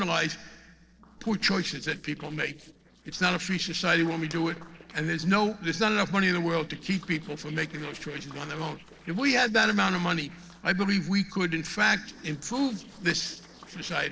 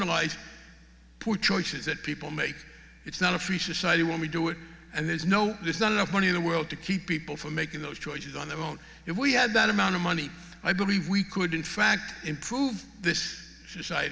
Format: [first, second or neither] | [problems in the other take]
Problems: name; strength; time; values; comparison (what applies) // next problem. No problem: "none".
second | noise reduction (neural separator model SepFormer DNS4)